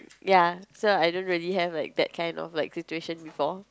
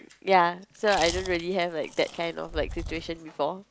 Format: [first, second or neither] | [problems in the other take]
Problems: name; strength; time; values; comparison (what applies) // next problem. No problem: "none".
first | background sound (Chewing, mastication); 11 dB below the speech